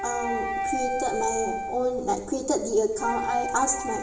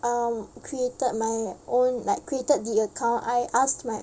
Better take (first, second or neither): second